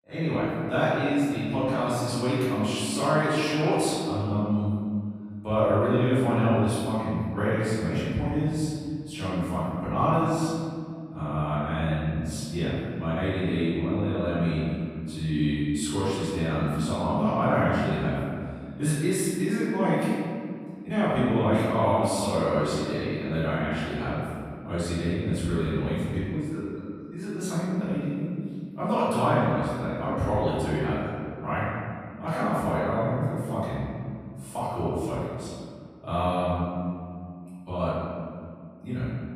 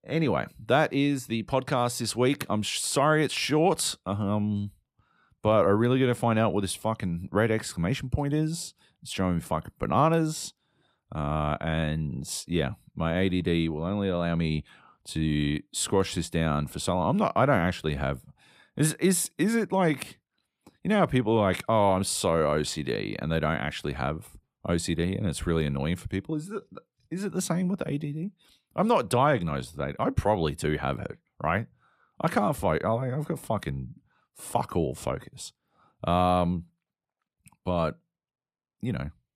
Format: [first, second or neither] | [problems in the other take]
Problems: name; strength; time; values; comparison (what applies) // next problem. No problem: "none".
second | off-mic speech; far // room echo; strong; dies away in 2.1 s